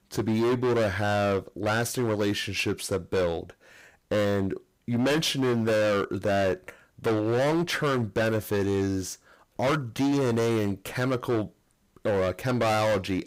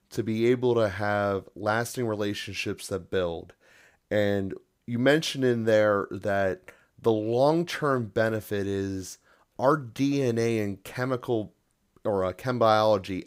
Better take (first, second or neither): second